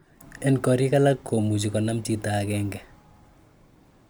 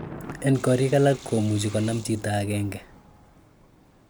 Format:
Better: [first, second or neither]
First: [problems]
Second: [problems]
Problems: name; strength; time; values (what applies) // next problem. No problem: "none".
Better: first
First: none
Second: background sound (Sink (filling or washing) / Water + Thunder); 18 dB below the speech